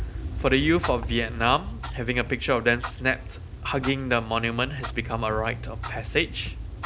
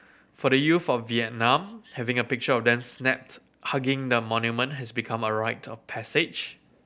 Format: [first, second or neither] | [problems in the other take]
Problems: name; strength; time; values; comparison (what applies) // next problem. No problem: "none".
second | background sound (Clock); 7 dB below the speech